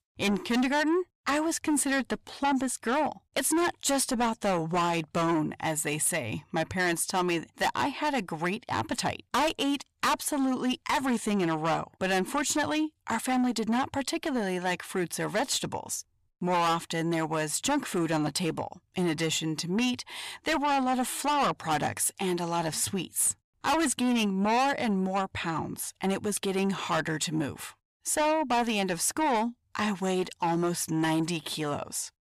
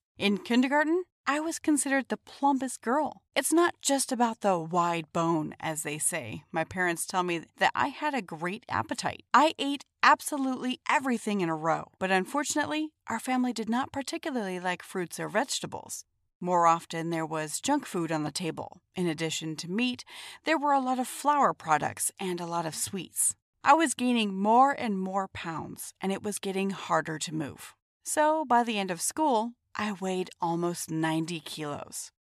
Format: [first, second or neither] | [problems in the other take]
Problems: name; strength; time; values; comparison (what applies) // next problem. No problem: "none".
second | distortion; heavy; 6 dB below the speech